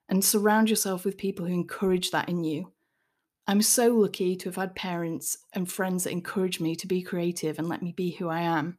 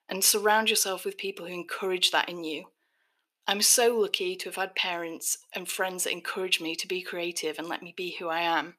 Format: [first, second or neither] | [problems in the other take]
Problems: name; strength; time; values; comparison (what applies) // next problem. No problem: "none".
first | thin; very; fading below 500 Hz